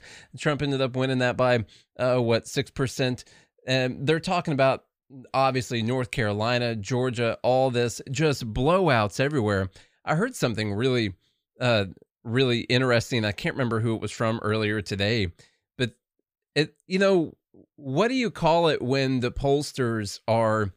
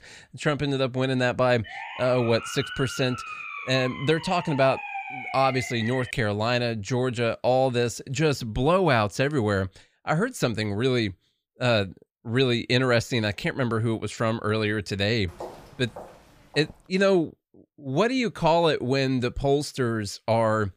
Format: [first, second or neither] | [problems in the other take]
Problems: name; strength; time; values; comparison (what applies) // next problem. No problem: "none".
first | siren; noticeable; from 1.5 to 6 s; peak 8 dB below the speech // footsteps; faint; from 15 to 17 s; peak 15 dB below the speech